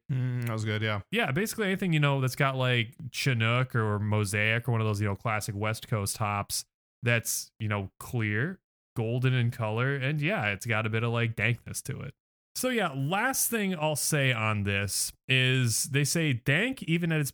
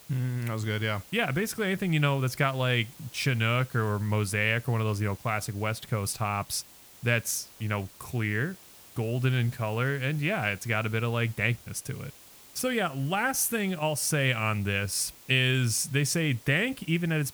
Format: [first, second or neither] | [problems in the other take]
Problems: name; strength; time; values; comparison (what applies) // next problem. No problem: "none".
first | hiss; faint; throughout; 20 dB below the speech